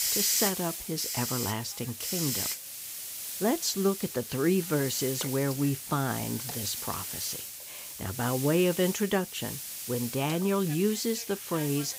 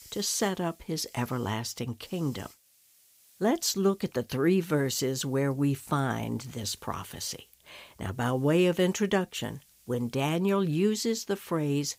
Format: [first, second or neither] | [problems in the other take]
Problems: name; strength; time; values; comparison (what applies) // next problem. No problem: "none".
second | hiss; loud; throughout; 3 dB below the speech; faint in the second